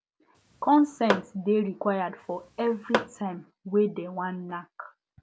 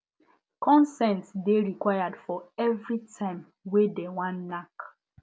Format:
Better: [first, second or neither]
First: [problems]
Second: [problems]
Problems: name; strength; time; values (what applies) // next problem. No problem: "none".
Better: second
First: background sound (Tap / Hammer); 5 dB below the speech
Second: none